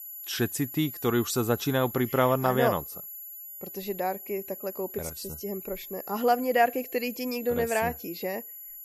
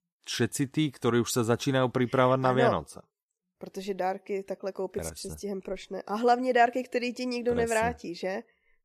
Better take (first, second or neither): second